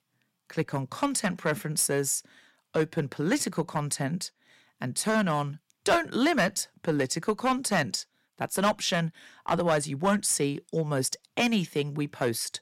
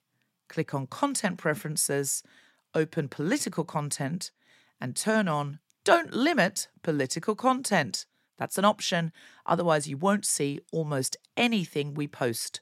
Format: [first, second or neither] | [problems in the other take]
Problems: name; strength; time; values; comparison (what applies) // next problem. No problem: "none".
second | distortion; slight; 3% of the sound clipped